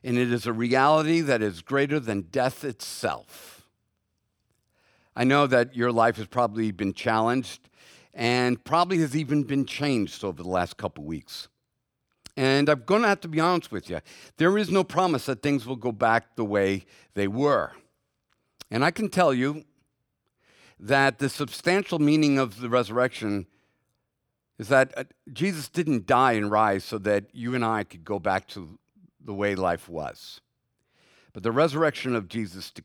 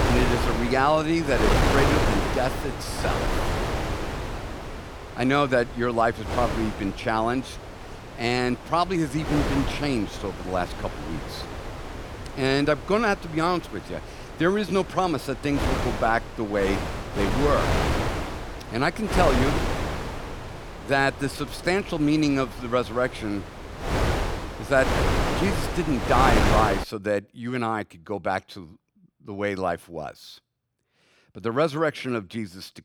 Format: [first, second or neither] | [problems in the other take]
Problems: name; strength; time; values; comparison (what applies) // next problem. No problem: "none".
first | wind noise on the microphone; heavy; until 27 s; 3 dB below the speech